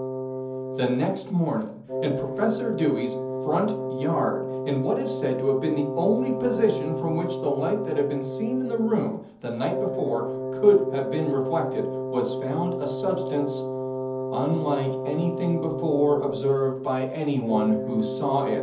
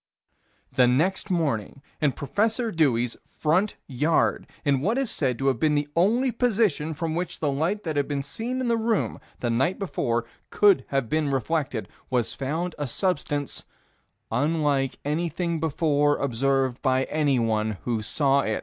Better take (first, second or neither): second